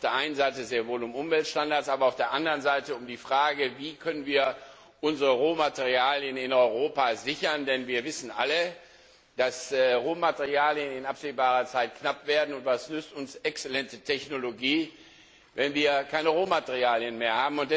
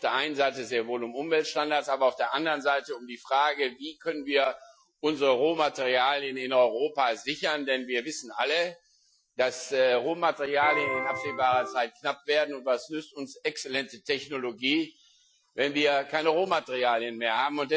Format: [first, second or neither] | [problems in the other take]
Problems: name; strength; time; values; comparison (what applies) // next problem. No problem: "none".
first | noise reduction (classical method Wiener filter)